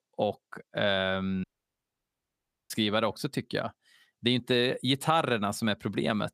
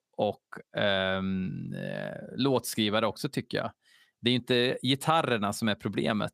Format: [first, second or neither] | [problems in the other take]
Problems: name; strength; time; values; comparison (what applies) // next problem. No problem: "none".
second | audio cutting out; at 1.5 s for 1.5 s